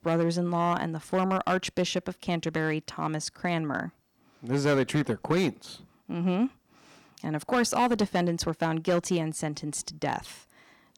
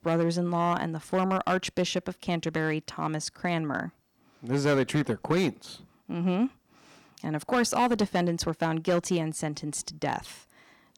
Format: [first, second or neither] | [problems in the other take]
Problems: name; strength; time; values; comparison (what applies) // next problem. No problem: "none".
neither | distortion; slight; 4% of the sound clipped; the same in both